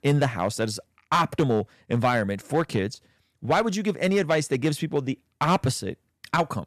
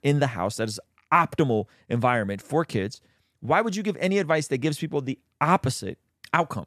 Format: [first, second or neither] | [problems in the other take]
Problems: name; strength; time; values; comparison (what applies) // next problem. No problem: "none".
second | distortion; slight; 3% of the sound clipped